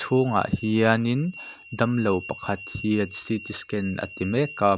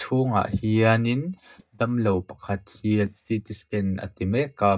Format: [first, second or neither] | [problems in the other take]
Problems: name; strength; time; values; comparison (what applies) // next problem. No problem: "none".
first | noise reduction (neural mask model DeepFilterNet 3)